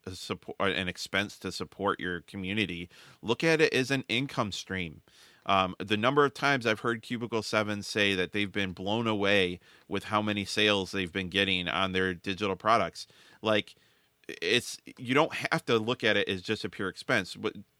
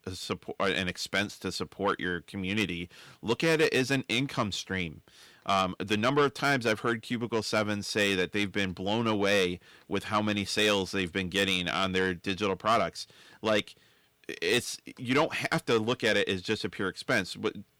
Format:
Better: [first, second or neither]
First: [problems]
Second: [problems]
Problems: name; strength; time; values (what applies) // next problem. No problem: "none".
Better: first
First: none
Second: distortion; slight; 10 dB below the speech